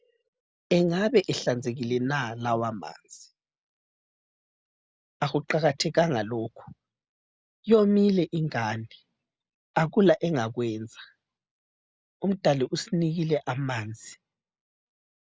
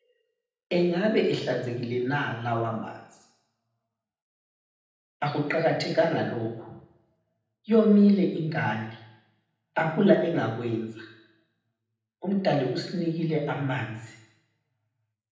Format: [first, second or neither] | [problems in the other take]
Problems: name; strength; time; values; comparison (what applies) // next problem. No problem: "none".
first | room echo; dies away in 0.8 s